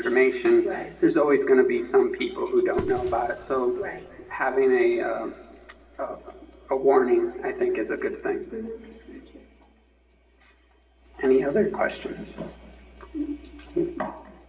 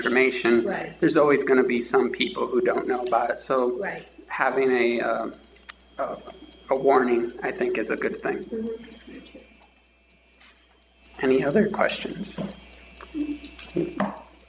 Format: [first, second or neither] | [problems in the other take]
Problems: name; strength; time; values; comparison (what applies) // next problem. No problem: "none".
second | background sound (Fireworks); 18 dB below the speech // room echo; dies away in 2.5 s